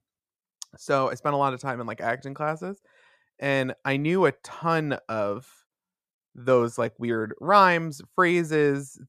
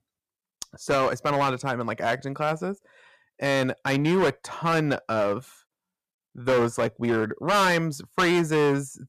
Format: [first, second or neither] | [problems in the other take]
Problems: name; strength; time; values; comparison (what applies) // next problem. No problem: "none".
first | distortion; heavy; 11% of the sound clipped